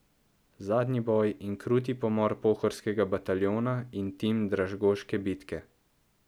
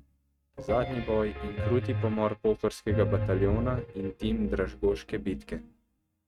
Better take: first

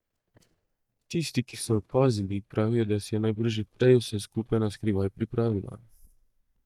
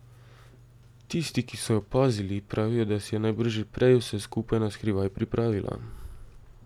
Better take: second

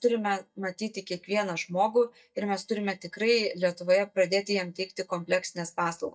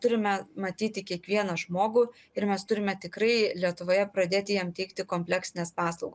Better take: second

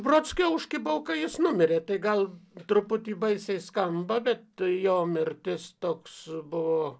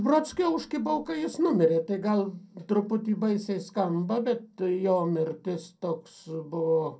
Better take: first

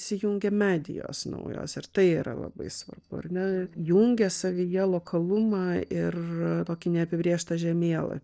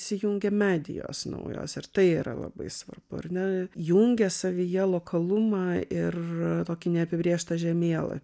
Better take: second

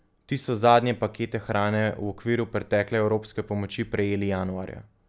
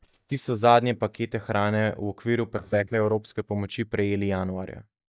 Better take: first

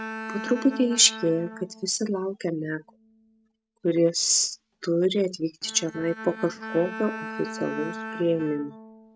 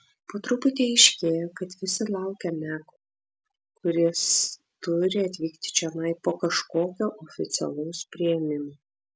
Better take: second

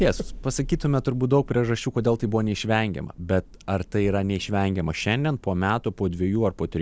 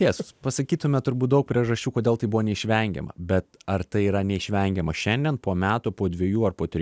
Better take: second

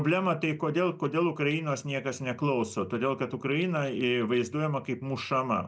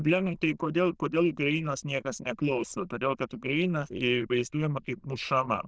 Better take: first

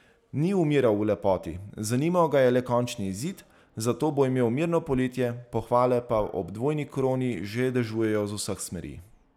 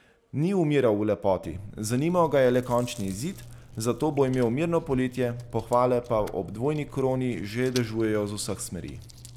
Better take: first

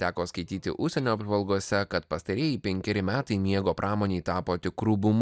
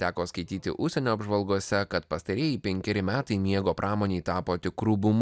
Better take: second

